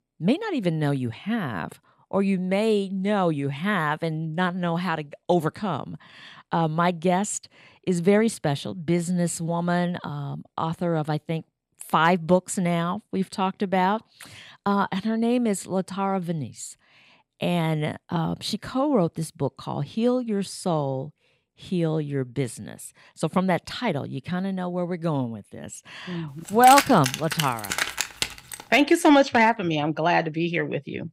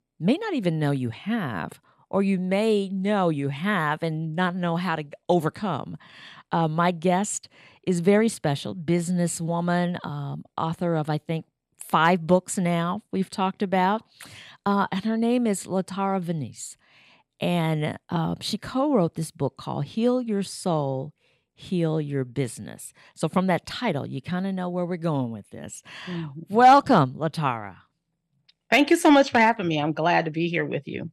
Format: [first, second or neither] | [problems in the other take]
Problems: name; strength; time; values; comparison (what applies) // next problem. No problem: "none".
second | jangling keys; loud; from 27 to 29 s; peak 1 dB above the speech